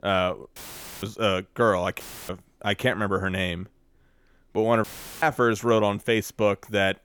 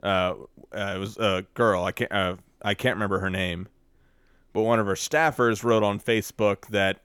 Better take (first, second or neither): second